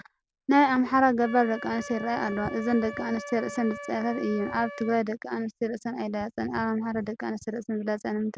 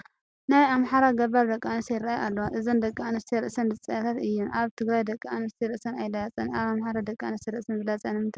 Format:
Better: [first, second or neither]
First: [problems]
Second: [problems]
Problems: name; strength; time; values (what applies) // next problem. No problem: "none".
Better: second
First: background sound (Wind instrument, woodwind instrument); 16 dB below the speech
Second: none